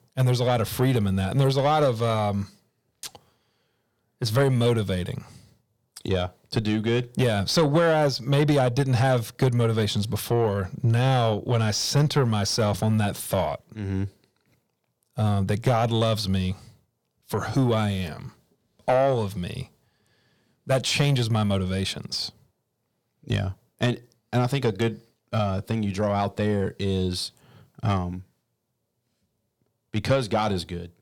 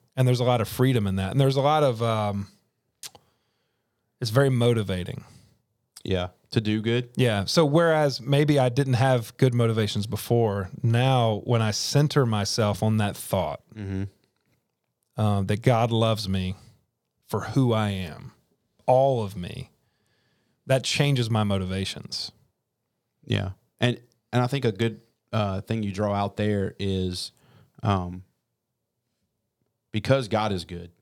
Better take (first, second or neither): second